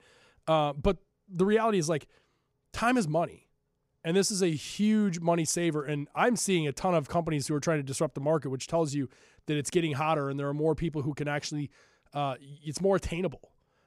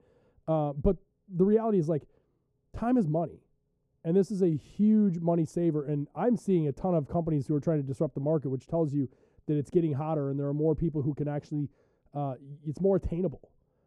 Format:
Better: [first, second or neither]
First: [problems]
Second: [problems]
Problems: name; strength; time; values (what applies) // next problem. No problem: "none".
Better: first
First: none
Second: muffled; very; fading above 1 kHz